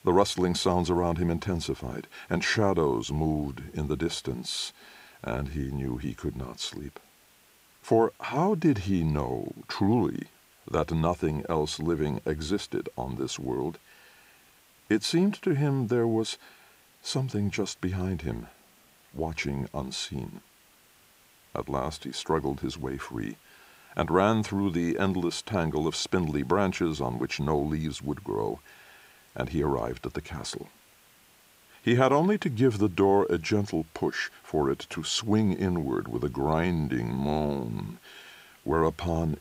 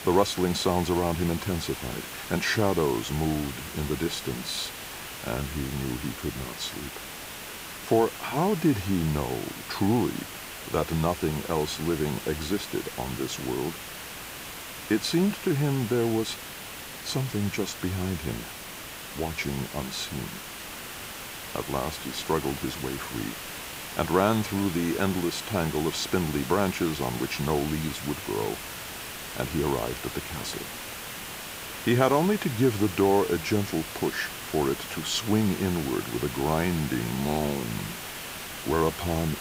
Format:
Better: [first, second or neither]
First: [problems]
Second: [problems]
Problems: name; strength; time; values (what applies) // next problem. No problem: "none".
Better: first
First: hiss; faint; throughout; 30 dB below the speech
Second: hiss; loud; throughout; 8 dB below the speech